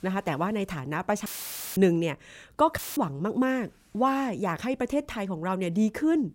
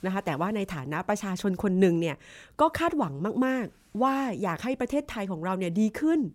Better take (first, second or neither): second